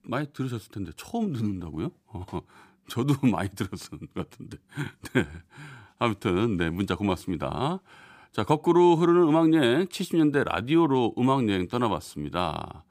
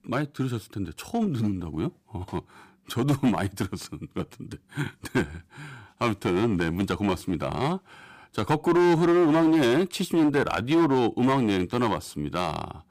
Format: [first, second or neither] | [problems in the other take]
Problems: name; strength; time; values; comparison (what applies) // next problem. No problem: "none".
first | distortion; slight; 7% of the sound clipped